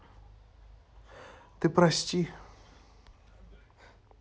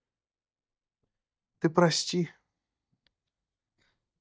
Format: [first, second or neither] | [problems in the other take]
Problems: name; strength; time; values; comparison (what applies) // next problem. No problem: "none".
first | noise reduction (neural mask model DeepFilterNet 3)